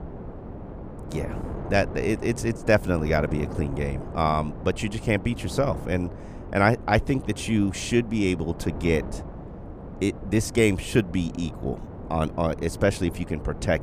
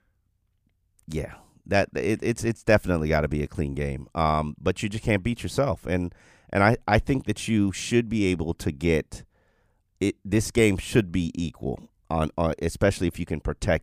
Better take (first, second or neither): second